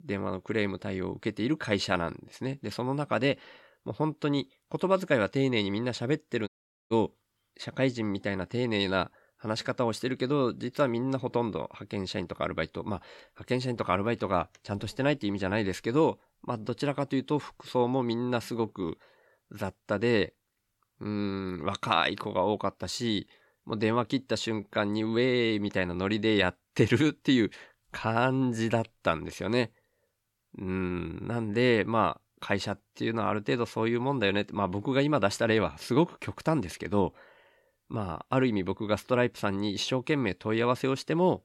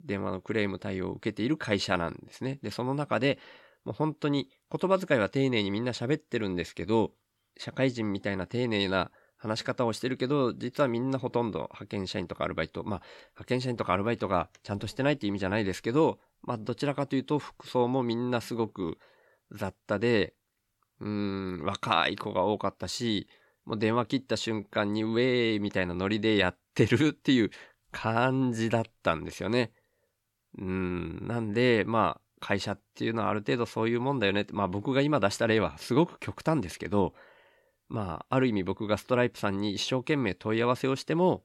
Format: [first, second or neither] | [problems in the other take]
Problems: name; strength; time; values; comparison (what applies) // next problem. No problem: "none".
second | audio cutting out; at 6.5 s